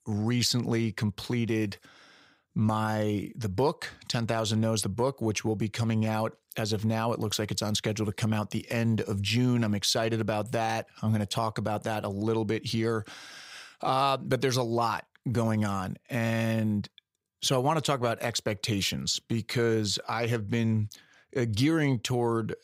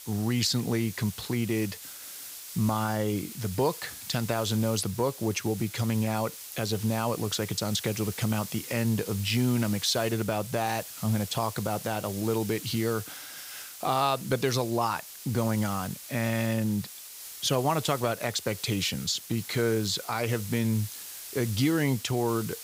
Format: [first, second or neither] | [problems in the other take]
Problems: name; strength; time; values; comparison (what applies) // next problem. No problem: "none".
first | hiss; noticeable; throughout; 10 dB below the speech